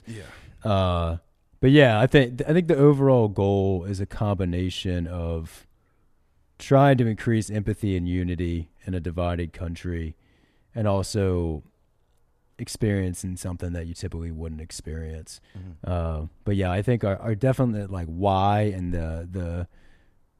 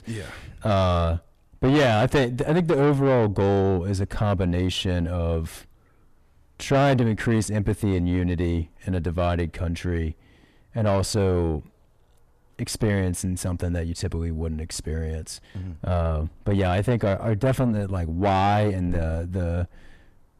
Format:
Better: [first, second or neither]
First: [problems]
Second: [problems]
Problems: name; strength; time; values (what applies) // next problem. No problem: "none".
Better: first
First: none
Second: distortion; heavy; 6 dB below the speech